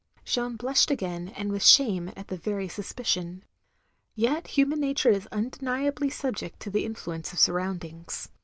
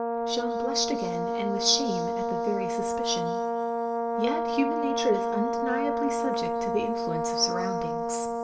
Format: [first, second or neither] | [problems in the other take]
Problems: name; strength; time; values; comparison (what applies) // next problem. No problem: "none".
first | background sound (Brass instrument); 3 dB above the speech // room echo; dies away in 3 s